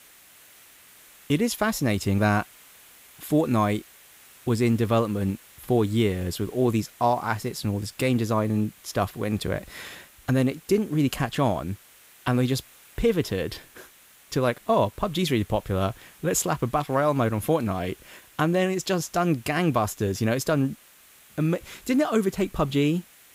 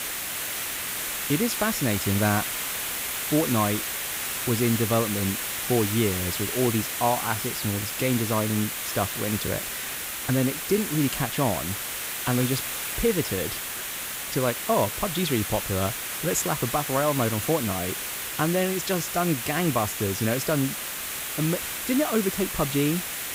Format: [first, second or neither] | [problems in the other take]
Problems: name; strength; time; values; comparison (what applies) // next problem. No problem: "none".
first | hiss; loud; throughout; 2 dB below the speech; faint in the first